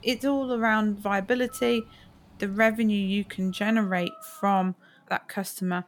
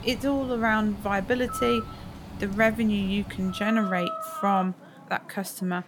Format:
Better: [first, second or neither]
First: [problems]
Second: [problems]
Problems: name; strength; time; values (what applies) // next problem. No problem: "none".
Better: first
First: animal sounds; faint; throughout; 25 dB below the speech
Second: animal sounds; loud; throughout; 9 dB below the speech